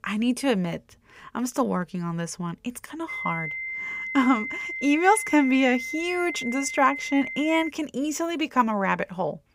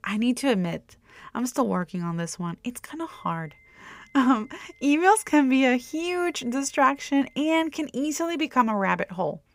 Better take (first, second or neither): second